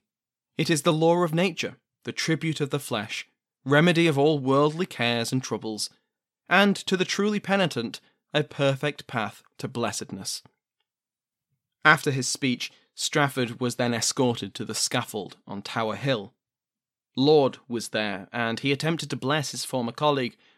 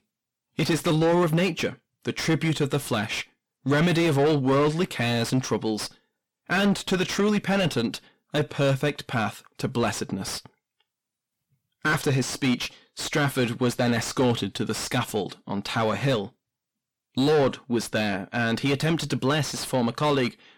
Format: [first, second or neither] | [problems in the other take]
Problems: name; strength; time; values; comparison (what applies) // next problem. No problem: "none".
first | distortion; heavy; 6 dB below the speech